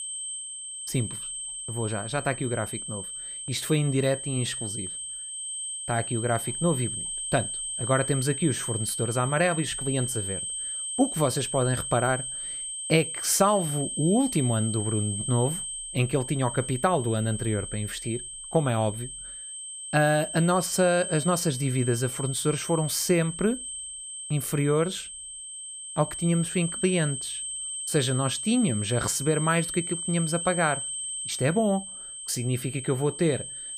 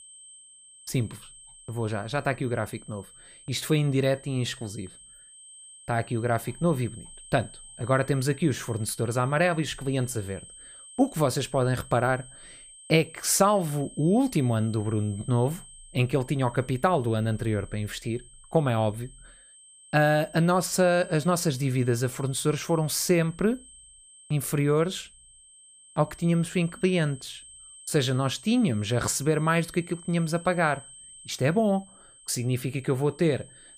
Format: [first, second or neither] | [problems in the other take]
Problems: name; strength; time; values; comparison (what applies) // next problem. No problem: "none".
second | high-pitched whine; loud; throughout; 8.5 kHz, 5 dB below the speech; faint in the second